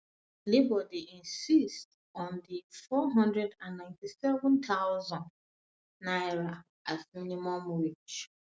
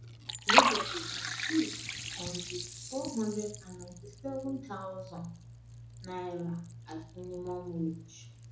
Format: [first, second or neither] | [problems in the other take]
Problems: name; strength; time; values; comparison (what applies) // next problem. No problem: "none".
first | background sound (Liquid); 3 dB above the speech // room echo; dies away in 0.5 s